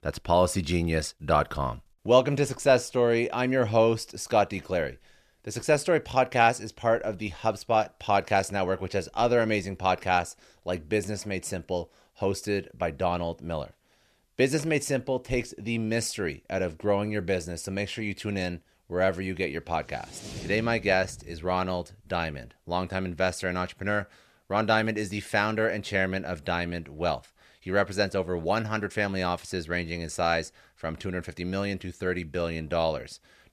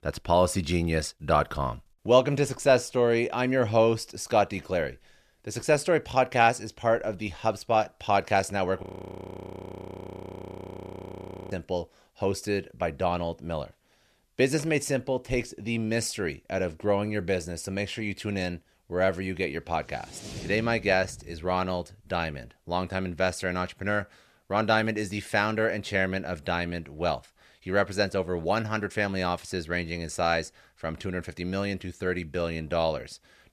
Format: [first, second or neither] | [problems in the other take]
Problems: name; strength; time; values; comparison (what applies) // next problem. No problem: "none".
first | audio freezing; at 9 s for 2.5 s